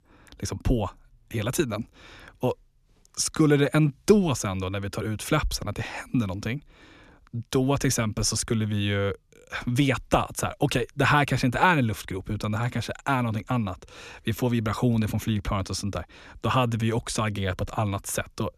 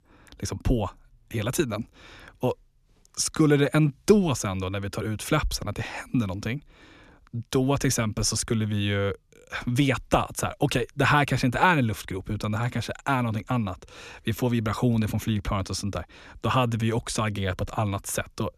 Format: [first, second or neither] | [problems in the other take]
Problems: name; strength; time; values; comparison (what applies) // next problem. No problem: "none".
neither | none